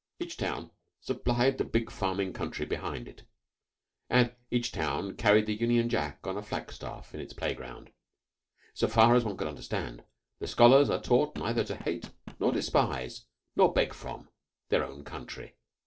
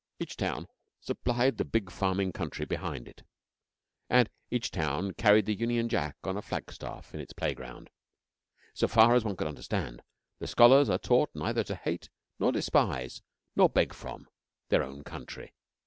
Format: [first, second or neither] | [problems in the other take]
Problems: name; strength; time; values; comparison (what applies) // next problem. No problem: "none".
second | noise reduction (neural separator model SepFormer DNS4)